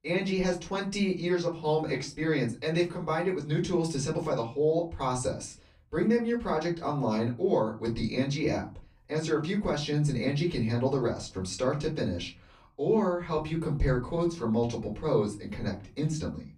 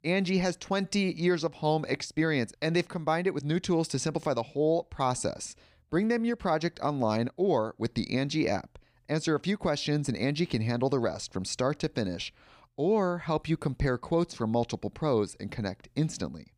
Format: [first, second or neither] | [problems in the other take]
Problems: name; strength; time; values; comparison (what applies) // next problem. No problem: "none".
second | off-mic speech; far // room echo; very slight; dies away in 0.3 s